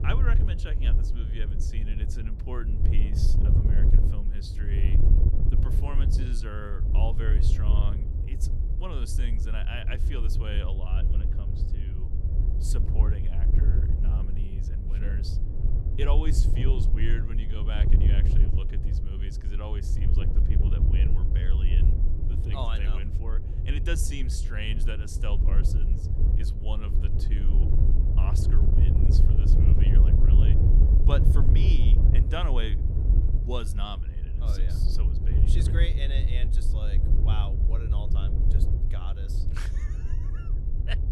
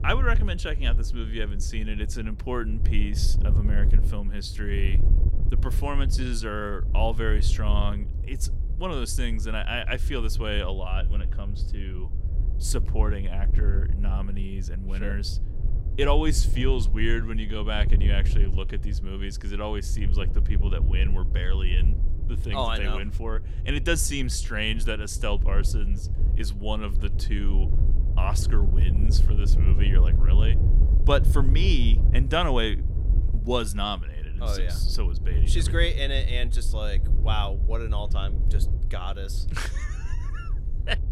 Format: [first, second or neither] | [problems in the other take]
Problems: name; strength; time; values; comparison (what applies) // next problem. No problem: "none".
second | wind noise on the microphone; heavy; 2 dB below the speech; occasional gusts in the second